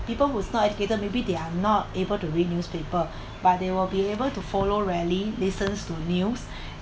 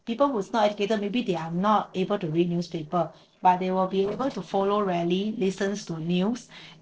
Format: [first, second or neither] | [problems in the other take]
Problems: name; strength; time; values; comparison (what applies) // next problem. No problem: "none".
first | noise reduction (neural separator model SepFormer DNS4)